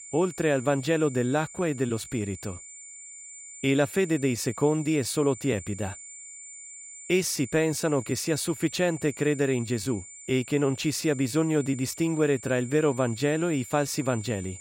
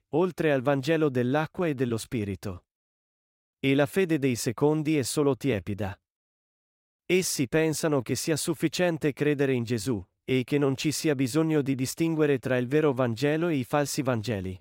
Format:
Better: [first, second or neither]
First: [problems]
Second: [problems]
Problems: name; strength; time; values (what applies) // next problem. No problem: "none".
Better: second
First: high-pitched whine; noticeable; throughout; 7 kHz, 15 dB below the speech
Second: none